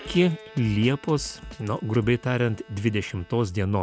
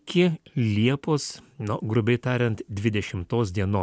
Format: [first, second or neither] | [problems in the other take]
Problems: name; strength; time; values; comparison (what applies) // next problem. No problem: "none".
second | background sound (Drum kit + Bowed string instrument); 19 dB below the speech